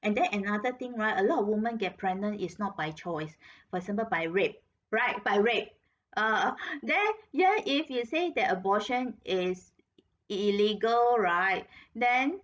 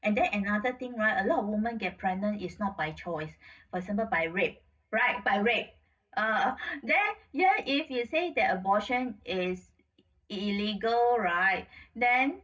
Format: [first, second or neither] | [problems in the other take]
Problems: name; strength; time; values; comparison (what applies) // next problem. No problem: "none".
first | room echo; dies away in 0.4 s